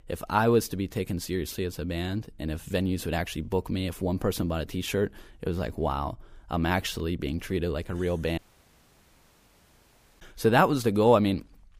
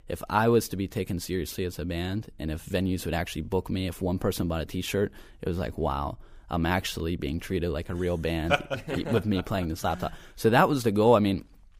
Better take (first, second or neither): second